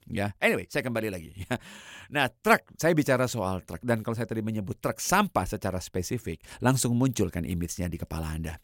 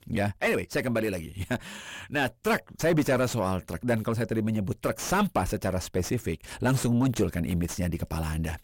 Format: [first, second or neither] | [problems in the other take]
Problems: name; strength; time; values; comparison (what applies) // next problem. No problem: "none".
first | distortion; heavy; 6 dB below the speech